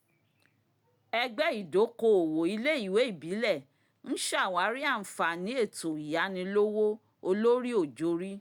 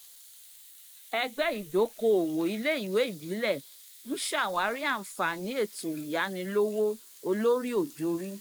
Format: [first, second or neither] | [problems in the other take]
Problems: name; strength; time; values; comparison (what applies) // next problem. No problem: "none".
first | noise reduction (neural mask model Resemble Enhance denoiser)